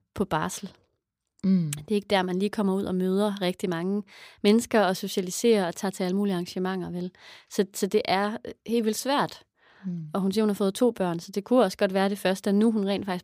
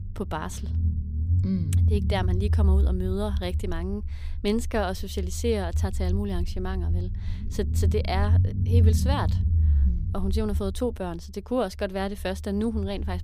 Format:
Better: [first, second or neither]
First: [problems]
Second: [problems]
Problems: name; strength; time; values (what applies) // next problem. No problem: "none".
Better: first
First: none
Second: low rumble; noticeable; throughout; 10 dB below the speech